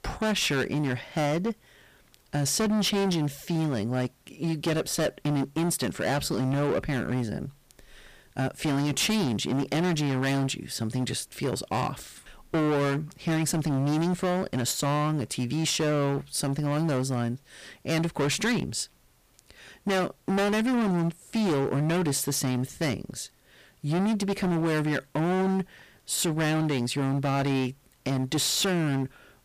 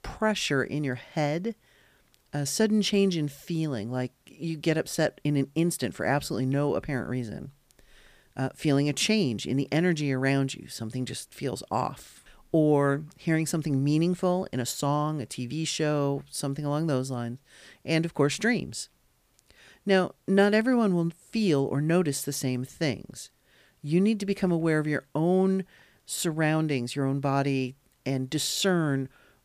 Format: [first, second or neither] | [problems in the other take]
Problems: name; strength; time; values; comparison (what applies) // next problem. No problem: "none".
second | distortion; heavy; 20% of the sound clipped